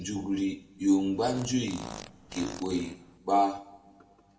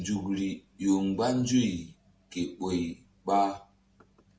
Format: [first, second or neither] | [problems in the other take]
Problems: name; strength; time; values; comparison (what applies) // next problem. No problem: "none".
second | background sound (Fart); 15 dB below the speech // room echo; dies away in 1 s